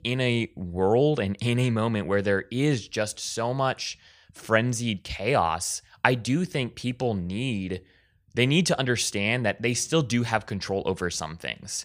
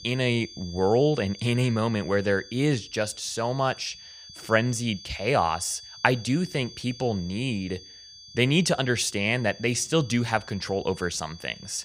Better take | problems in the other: first | high-pitched whine; noticeable; throughout; 4.5 kHz, 15 dB below the speech

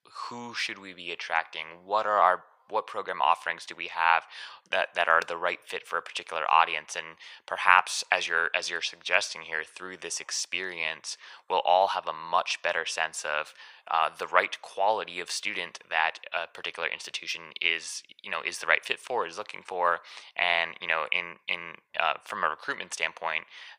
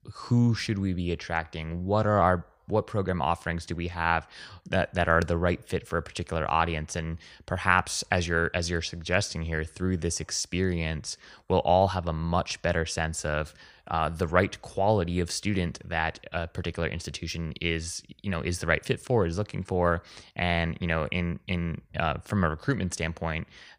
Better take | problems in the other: second | thin; very; fading below 700 Hz

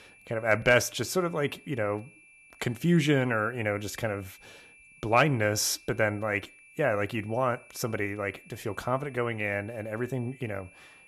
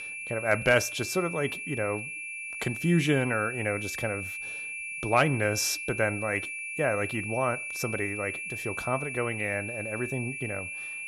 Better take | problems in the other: first | high-pitched whine; loud; throughout; 2.5 kHz, 5 dB below the speech; faint in the first

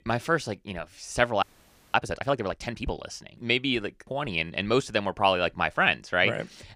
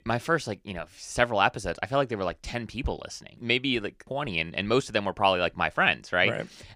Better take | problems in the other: second | audio freezing; at 1.5 s for 0.5 s

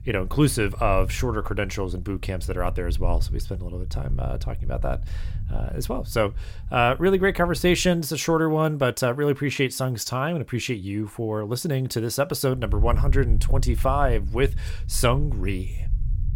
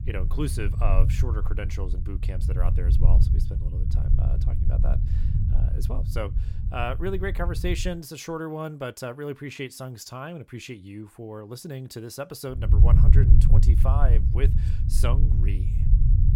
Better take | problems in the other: first | low rumble; loud; until 8 s and from 13 s on; 5 dB below the speech; faint in the first

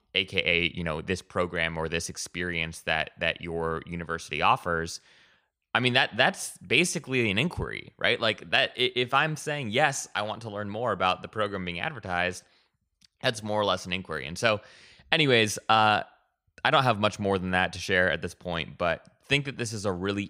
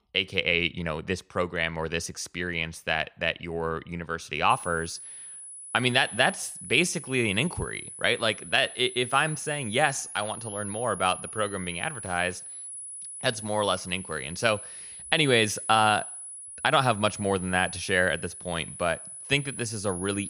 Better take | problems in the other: first | high-pitched whine; noticeable; from 4.5 s on; 10 kHz, 10 dB below the speech

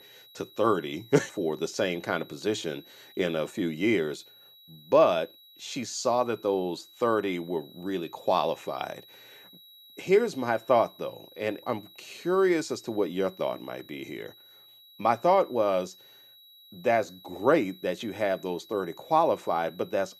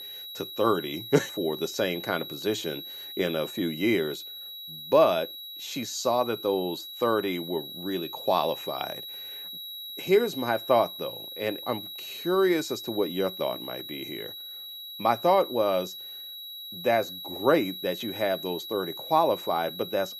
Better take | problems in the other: first | high-pitched whine; loud; throughout; 4 kHz, 10 dB below the speech; faint in the first

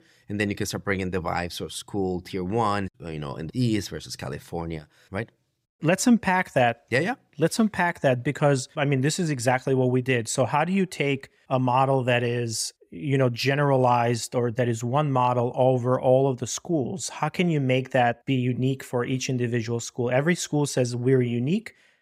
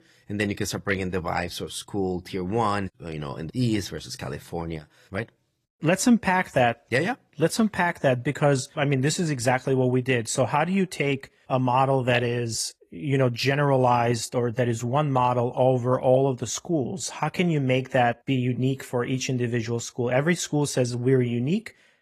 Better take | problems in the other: first | garbled, watery; slightly; nothing above 14.5 kHz

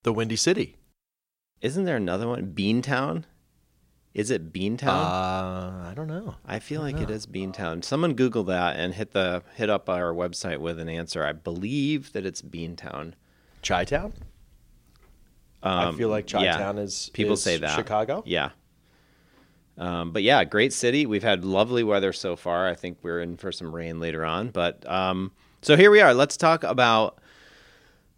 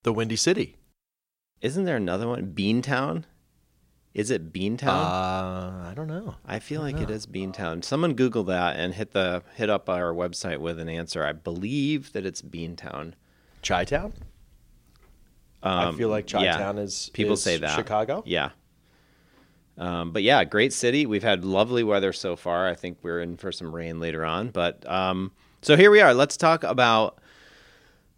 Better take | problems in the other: neither | none

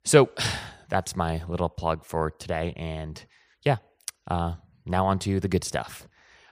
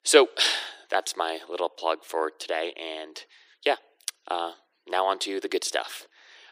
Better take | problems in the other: first | thin; very; fading below 300 Hz

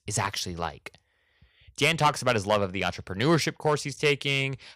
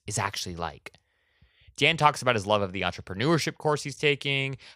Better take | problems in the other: second | distortion; slight; 1.3% of the sound clipped

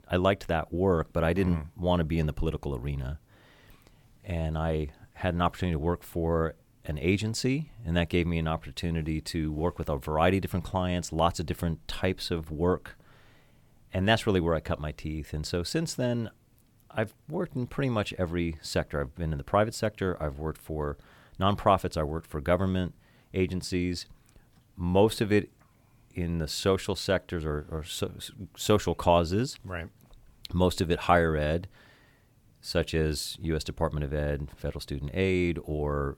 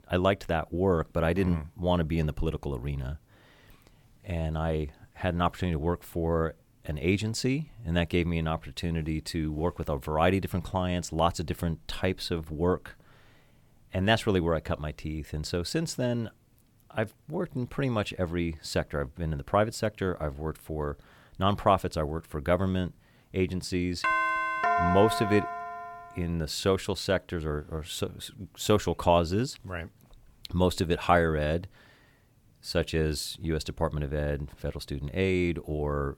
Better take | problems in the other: first | doorbell; loud; from 24 to 26 s; peak 4 dB above the speech

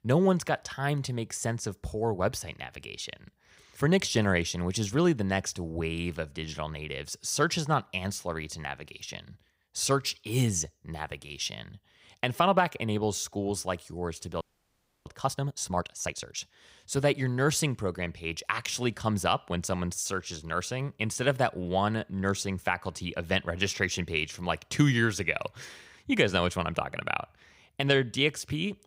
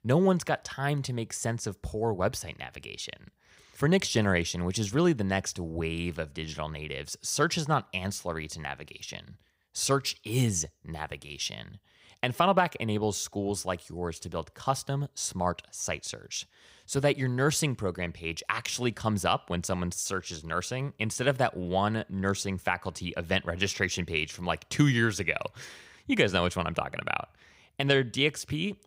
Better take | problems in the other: second | audio freezing; at 14 s for 0.5 s

